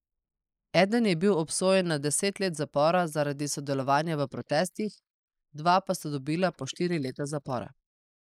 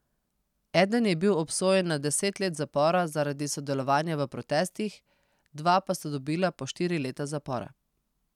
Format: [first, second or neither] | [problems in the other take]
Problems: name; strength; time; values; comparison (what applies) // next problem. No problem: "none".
second | noise reduction (neural mask model Resemble Enhance denoiser)